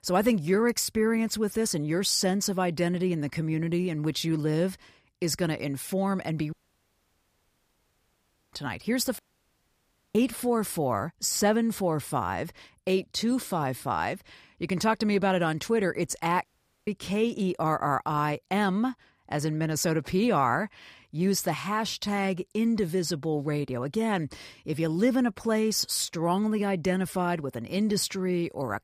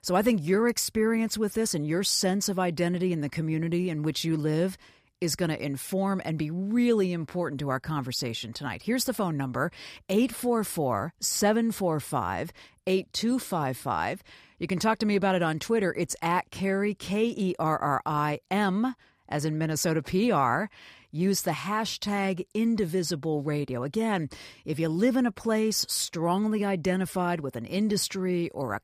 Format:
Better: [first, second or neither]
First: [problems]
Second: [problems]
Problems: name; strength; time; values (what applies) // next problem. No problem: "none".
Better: second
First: audio cutting out; at 6.5 s for 2 s, at 9 s for 1 s and at 16 s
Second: none